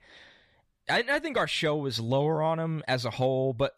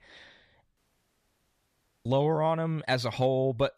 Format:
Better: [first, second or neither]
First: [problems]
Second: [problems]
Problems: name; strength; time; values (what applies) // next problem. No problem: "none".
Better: first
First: none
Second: audio cutting out; at 1 s for 1.5 s